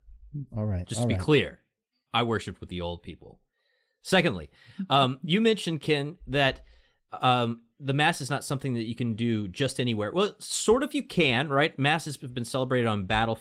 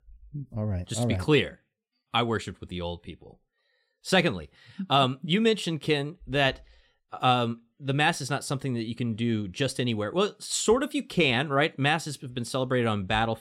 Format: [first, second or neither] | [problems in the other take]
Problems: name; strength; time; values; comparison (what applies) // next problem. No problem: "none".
second | garbled, watery; slightly; nothing above 16 kHz